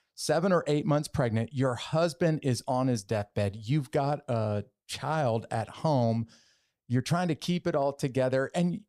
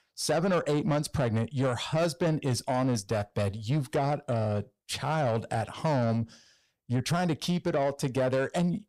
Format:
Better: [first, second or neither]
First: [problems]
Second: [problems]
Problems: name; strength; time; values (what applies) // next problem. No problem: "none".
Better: first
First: none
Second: distortion; slight; 10 dB below the speech